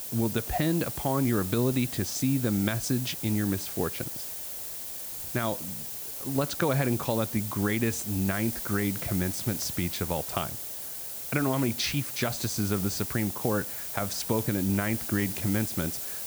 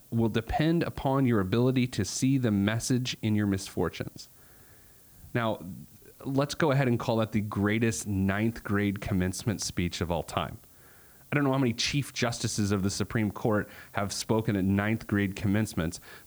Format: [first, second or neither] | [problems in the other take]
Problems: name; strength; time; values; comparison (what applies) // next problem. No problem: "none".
second | hiss; loud; throughout; 4 dB below the speech; faint in the second